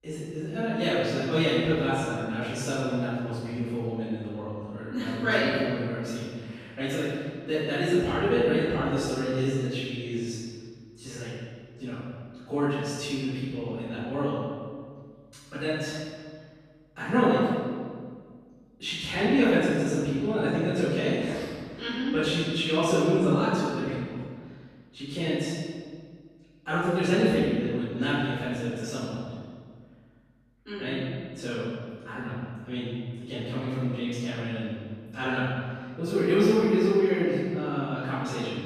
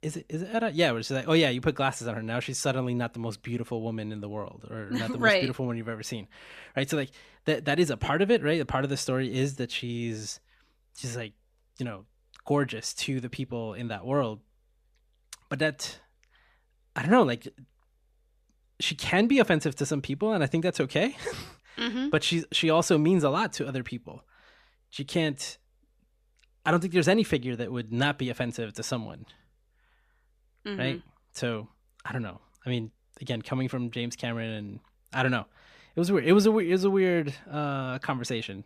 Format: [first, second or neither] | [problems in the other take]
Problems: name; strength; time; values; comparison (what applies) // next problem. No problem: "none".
second | off-mic speech; far // room echo; strong; dies away in 1.7 s